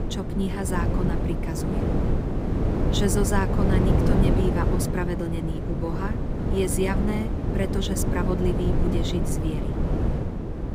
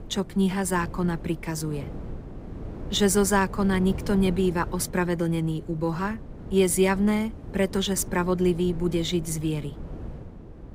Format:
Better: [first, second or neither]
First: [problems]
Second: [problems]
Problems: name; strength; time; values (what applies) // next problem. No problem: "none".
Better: second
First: wind noise on the microphone; heavy; 1 dB below the speech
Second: wind noise on the microphone; occasional gusts; 20 dB below the speech